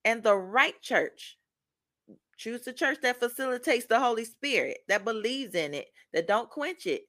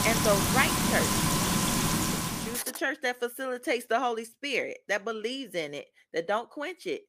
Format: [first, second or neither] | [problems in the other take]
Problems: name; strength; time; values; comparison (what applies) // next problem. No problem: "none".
first | household noises; very loud; until 2.5 s; 4 dB above the speech